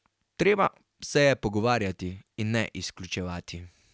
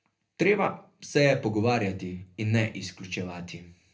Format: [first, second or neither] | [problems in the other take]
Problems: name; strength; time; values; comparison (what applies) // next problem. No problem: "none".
first | room echo; dies away in 0.3 s